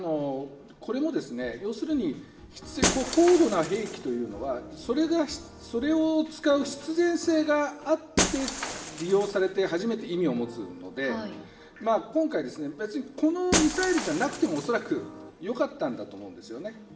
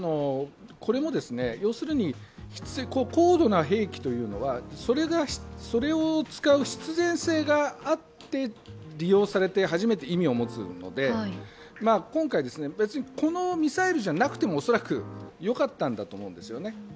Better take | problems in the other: second | background sound (Shatter); 9 dB below the speech // room echo; dies away in 0.9 s

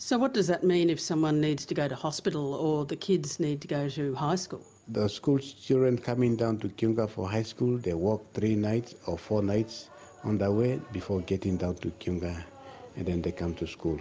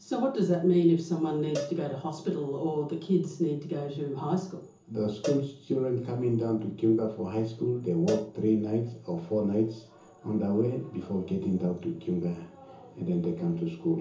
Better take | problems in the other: first | background sound (Cowbell); 14 dB below the speech // room echo; dies away in 0.7 s

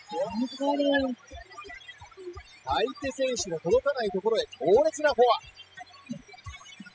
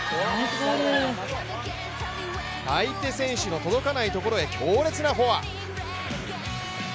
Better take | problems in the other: second | noise reduction (classical method spectral subtraction)

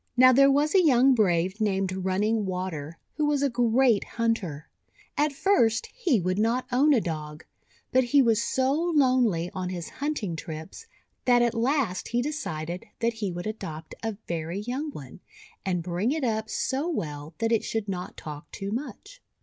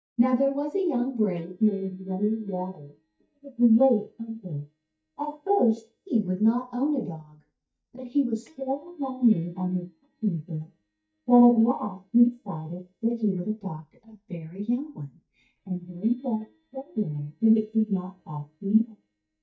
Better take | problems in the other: first | noise reduction (neural mask model DeepFilterNet 3)

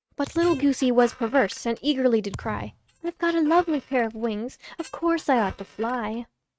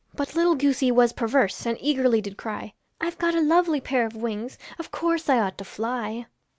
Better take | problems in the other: second | noise reduction (neural mask model RNNoise)

